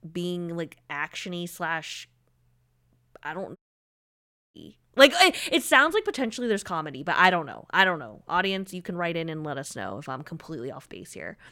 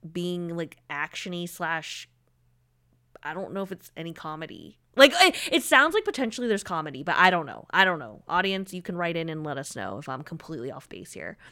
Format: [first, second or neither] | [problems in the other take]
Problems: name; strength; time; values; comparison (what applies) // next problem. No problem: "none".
second | audio cutting out; at 3.5 s for 1 s